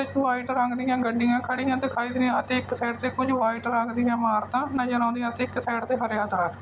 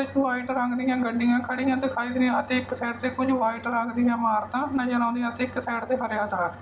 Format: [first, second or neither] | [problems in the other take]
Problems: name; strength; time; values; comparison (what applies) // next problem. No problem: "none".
first | room echo; dies away in 0.5 s